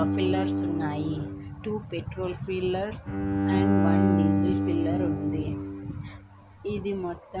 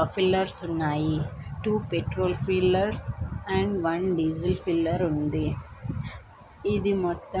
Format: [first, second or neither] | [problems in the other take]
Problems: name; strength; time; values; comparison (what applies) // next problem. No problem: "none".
second | background sound (Bowed string instrument); 4 dB above the speech